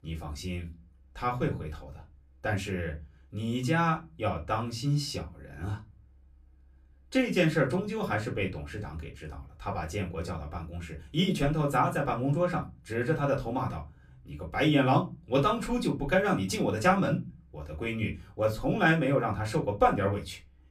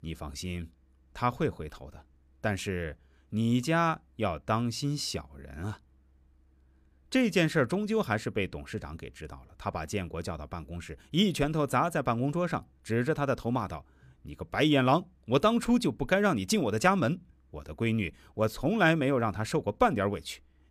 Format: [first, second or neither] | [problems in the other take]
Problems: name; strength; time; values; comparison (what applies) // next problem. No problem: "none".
second | off-mic speech; far // room echo; very slight; dies away in 0.2 s